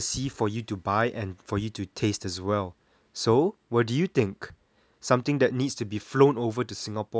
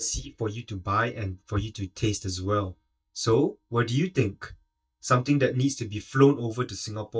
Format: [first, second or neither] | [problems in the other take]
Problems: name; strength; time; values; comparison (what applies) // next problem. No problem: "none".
first | noise reduction (neural mask model DeepFilterNet 3)